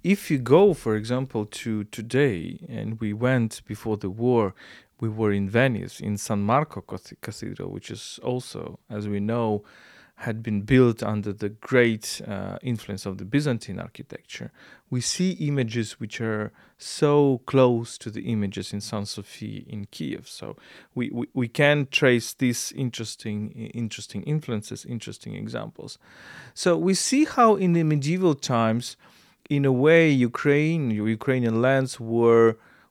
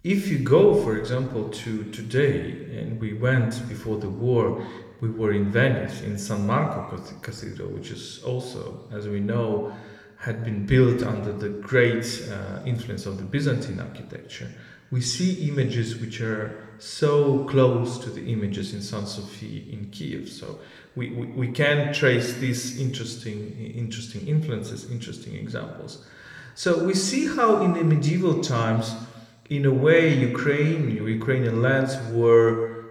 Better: first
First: none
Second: room echo; slight; dies away in 1.1 s

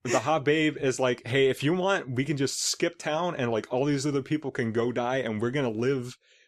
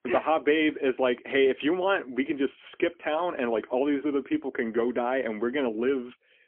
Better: first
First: none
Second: phone-call audio; poor line; nothing above 3.5 kHz

